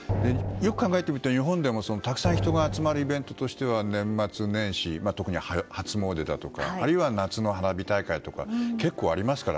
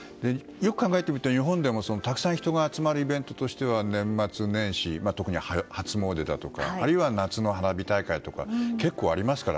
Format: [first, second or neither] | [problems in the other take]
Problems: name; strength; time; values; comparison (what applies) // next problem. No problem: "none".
second | background sound (Drum); 4 dB below the speech